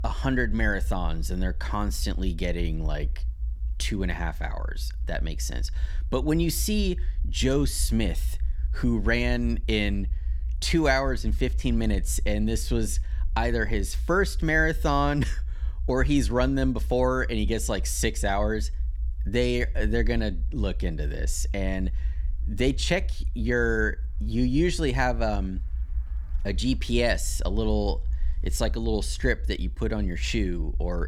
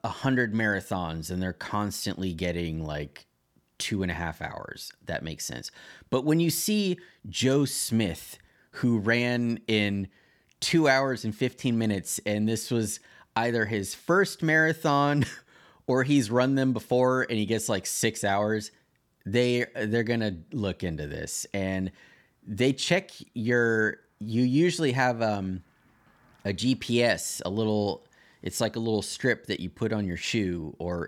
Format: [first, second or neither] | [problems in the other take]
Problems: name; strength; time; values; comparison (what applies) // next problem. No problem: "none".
second | low rumble; faint; throughout; 25 dB below the speech